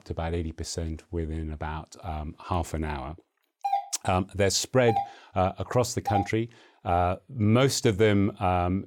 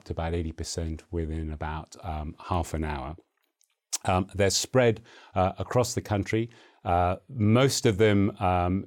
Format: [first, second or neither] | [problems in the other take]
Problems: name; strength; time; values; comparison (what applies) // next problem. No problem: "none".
second | doorbell; noticeable; from 3.5 to 6 s; peak 3 dB below the speech